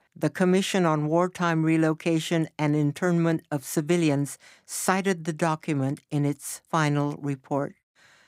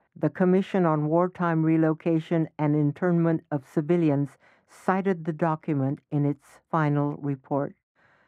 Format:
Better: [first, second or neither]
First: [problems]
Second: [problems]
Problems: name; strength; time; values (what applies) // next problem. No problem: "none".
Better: first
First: none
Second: muffled; very; fading above 3 kHz